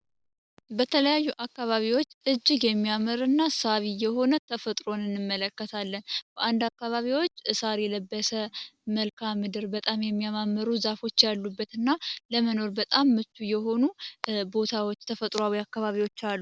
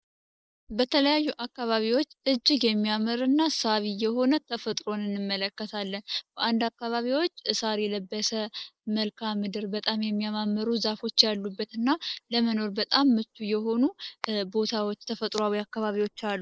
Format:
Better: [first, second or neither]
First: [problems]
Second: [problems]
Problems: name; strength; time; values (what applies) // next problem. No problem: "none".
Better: first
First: none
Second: noise reduction (neural mask model Resemble Enhance denoiser)